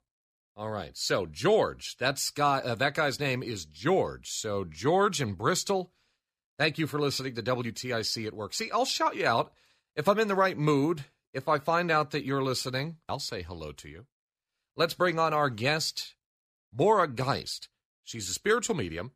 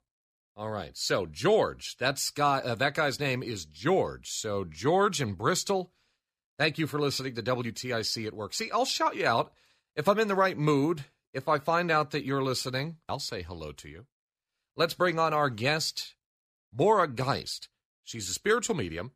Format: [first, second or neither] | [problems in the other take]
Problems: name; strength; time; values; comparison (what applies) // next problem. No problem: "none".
neither | none